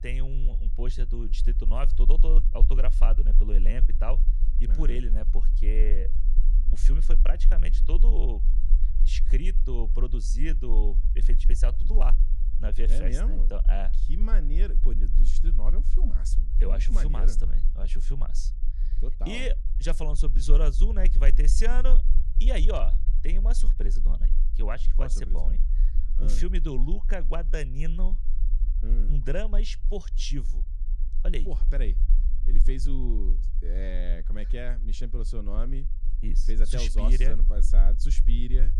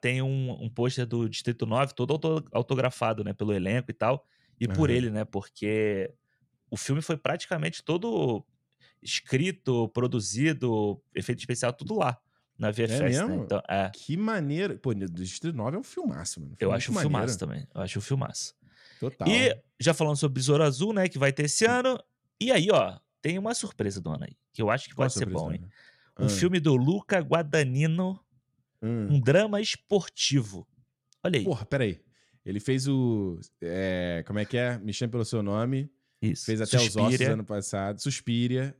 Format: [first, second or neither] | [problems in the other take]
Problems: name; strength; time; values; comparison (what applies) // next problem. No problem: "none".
second | low rumble; noticeable; throughout; 15 dB below the speech